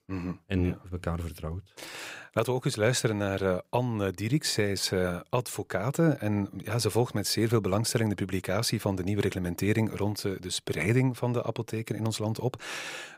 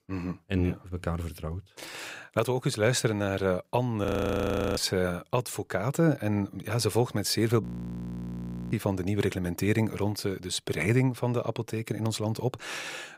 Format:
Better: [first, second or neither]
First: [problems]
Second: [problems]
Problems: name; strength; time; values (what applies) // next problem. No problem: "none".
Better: first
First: none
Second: audio freezing; at 4 s for 0.5 s and at 7.5 s for 1 s